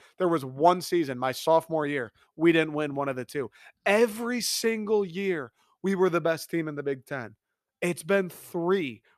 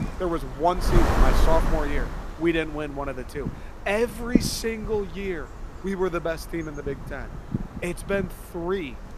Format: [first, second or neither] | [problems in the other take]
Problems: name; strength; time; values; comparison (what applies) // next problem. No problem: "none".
first | wind noise on the microphone; heavy; 5 dB below the speech